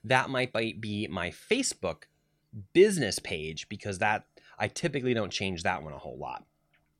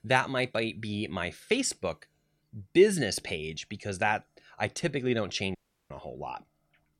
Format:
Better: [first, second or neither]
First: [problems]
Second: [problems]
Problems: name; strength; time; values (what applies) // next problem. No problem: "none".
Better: first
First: none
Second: audio cutting out; at 5.5 s